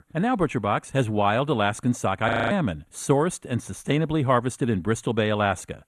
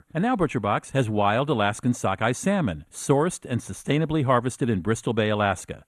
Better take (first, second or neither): second